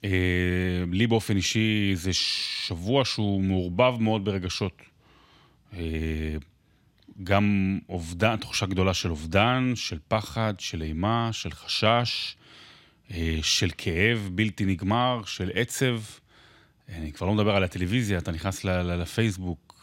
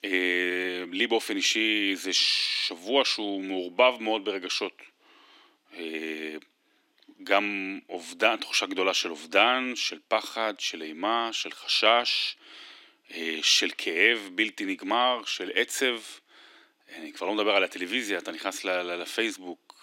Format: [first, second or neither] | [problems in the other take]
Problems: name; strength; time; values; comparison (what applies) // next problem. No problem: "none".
first | thin; somewhat; fading below 300 Hz